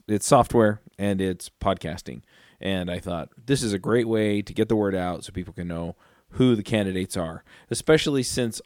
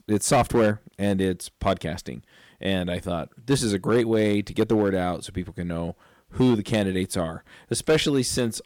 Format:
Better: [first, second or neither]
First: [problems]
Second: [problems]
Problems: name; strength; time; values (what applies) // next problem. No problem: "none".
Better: first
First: none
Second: distortion; slight; 4% of the sound clipped